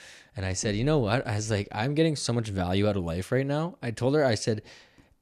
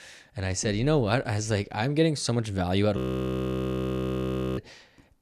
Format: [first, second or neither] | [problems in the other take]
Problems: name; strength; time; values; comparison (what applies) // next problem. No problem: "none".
first | audio freezing; at 3 s for 1.5 s